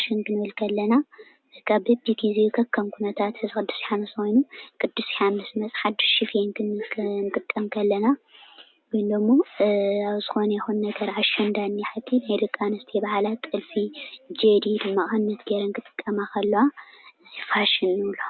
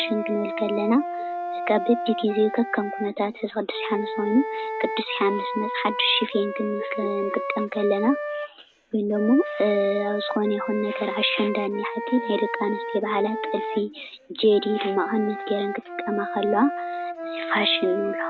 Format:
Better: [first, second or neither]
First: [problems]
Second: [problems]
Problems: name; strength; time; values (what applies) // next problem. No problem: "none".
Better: first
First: none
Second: background sound (Wind instrument, woodwind instrument); 6 dB below the speech